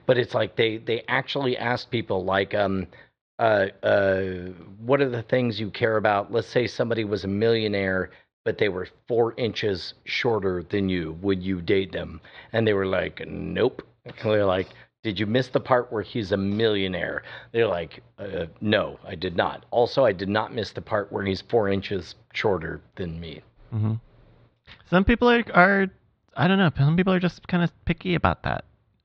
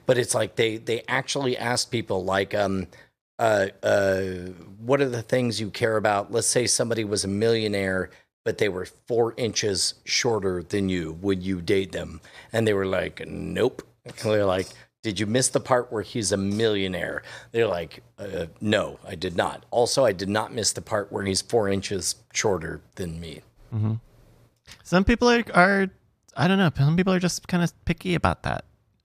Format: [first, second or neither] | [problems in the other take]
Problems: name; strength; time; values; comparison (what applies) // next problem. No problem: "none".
second | muffled; slightly; fading above 4 kHz